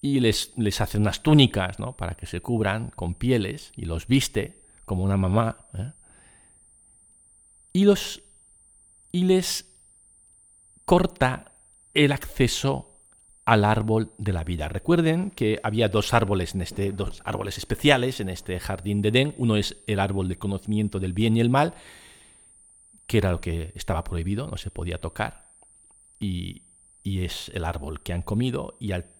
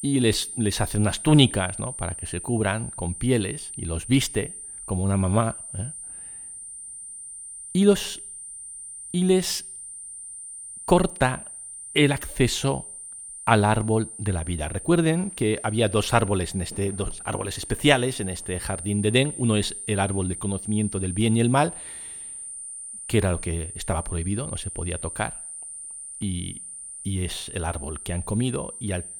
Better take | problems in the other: first | high-pitched whine; loud; throughout; 9 kHz, 10 dB below the speech; faint in the first

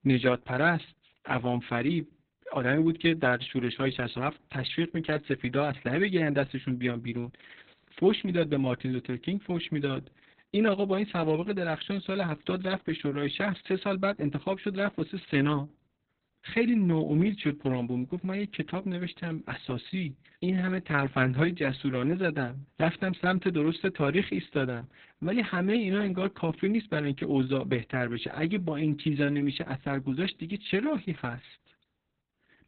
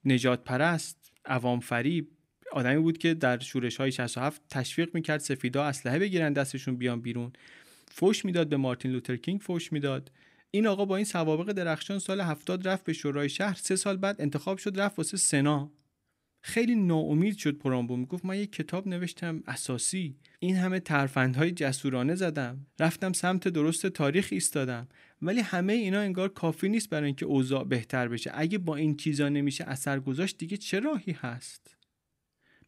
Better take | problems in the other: second | garbled, watery; badly; nothing above 4 kHz

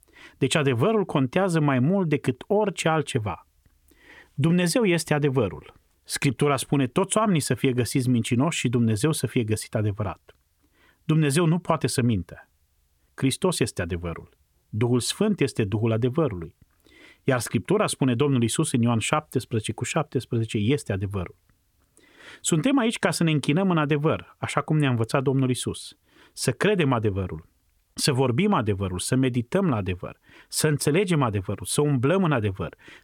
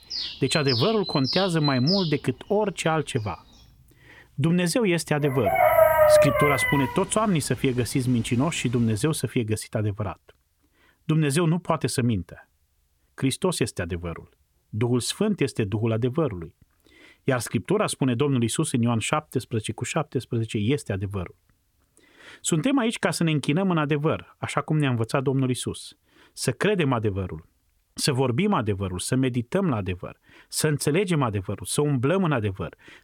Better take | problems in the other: first | animal sounds; very loud; until 9 s; 2 dB above the speech

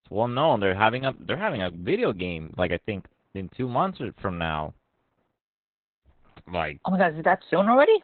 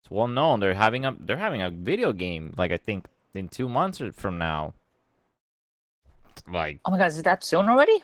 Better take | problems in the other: second | garbled, watery; badly; nothing above 3.5 kHz; slightly in the second

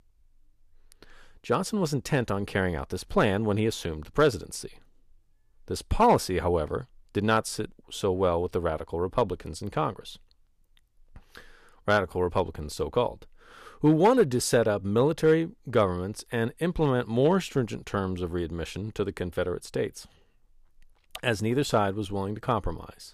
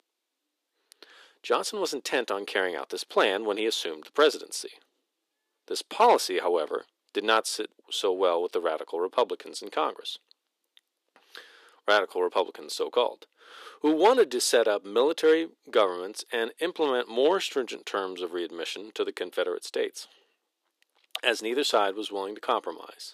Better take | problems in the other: first | thin; somewhat; fading below 300 Hz

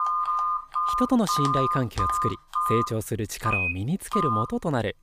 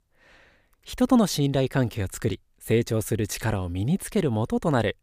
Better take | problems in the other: second | phone ringing; loud; until 4.5 s; peak 4 dB above the speech

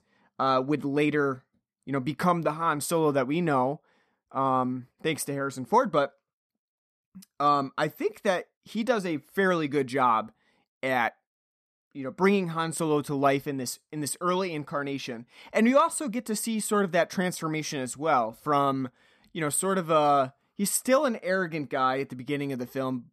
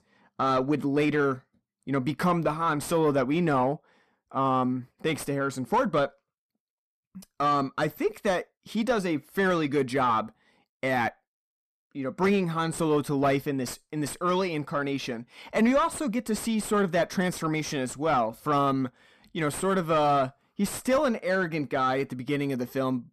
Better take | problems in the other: first | distortion; slight; 10 dB below the speech

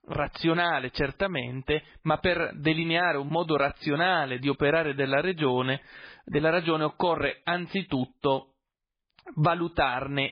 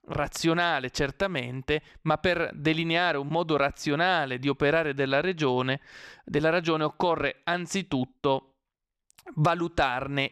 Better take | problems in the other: second | garbled, watery; badly; nothing above 4 kHz

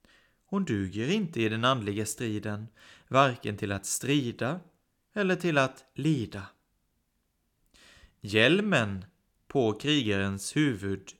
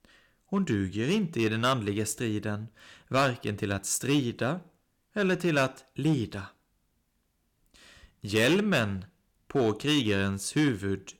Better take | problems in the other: first | distortion; slight; 3% of the sound clipped

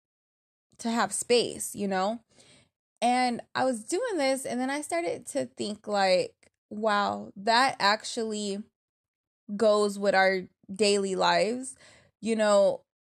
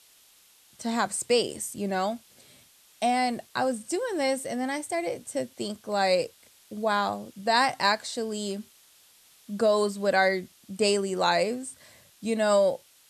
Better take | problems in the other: first | hiss; faint; throughout; 30 dB below the speech

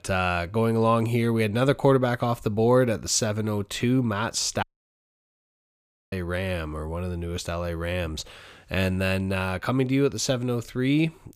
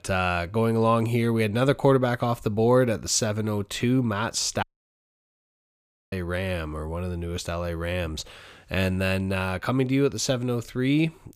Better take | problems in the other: neither | audio cutting out; at 4.5 s for 1.5 s; the same in both

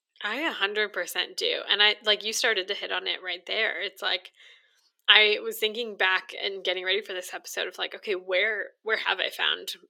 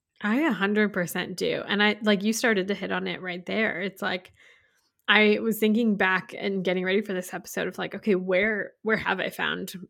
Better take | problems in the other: second | thin; very; fading below 400 Hz

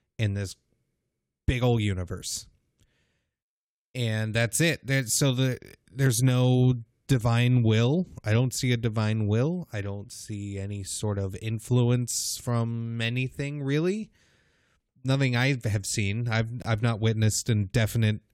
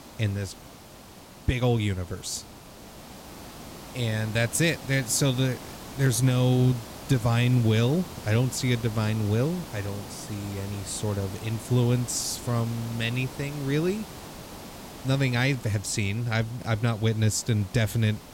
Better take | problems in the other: first | hiss; noticeable; throughout; 15 dB below the speech

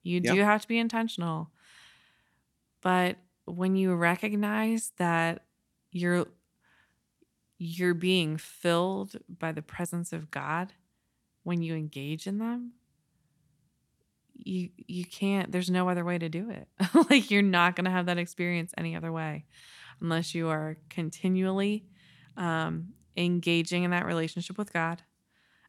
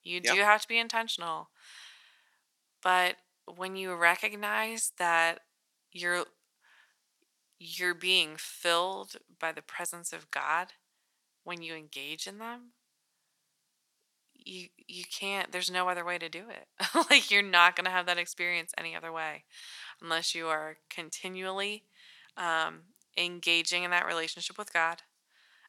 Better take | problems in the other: first | thin; very; fading below 700 Hz

